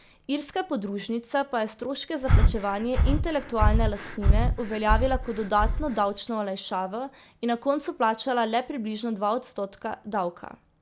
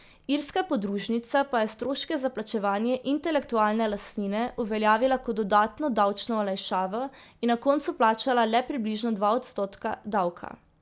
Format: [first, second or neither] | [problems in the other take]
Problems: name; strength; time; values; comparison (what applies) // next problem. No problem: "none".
second | background sound (Breathing); 5 dB above the speech